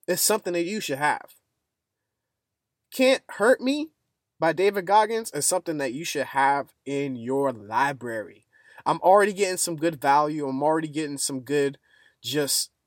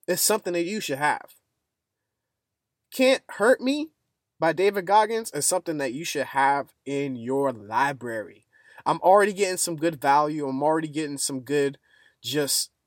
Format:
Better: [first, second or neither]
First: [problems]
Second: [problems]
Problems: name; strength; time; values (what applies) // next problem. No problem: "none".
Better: neither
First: none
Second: none